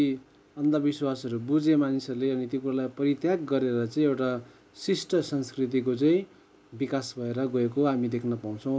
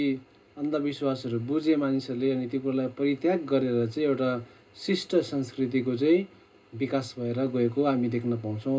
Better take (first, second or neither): first